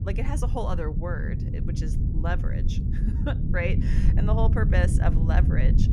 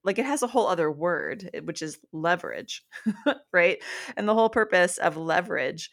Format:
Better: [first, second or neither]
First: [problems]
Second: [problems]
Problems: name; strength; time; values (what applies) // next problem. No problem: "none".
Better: second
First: low rumble; loud; throughout; 6 dB below the speech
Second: none